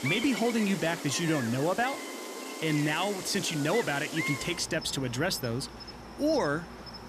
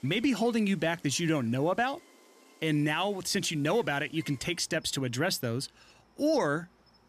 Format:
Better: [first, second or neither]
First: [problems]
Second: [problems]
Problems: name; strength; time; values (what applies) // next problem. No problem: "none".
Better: second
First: animal sounds; loud; throughout; 8 dB below the speech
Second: animal sounds; faint; throughout; 25 dB below the speech